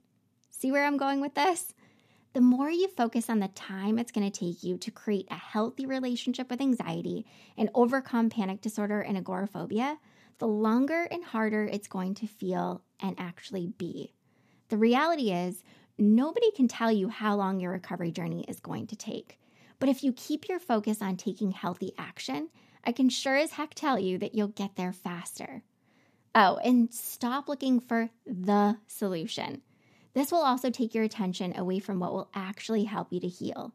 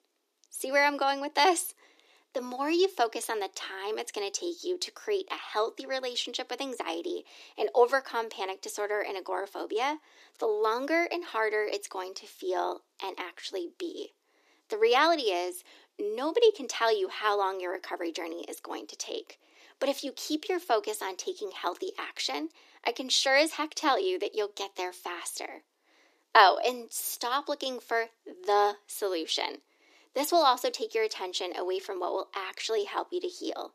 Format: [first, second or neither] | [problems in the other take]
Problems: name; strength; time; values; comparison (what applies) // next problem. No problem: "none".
first | thin; very; fading below 300 Hz